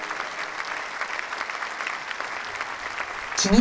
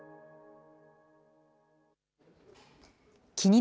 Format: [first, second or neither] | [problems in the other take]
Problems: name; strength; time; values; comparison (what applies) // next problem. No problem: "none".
second | background sound (Applause); 2 dB below the speech // room echo; dies away in 0.2 s